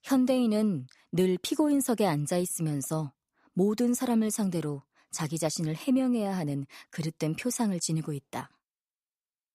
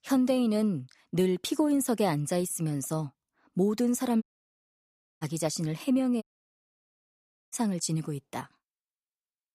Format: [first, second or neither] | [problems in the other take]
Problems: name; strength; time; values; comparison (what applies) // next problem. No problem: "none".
first | audio cutting out; at 4 s for 1 s and at 6 s for 1.5 s